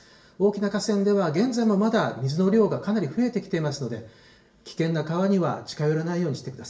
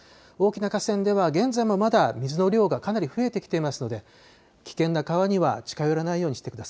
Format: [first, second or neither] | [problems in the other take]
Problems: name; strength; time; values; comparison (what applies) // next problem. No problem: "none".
second | room echo; dies away in 0.5 s